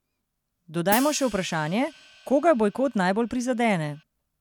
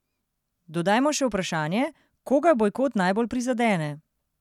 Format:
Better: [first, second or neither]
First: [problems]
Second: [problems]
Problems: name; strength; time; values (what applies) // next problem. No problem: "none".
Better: second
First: background sound (Hi-hat); 15 dB below the speech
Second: none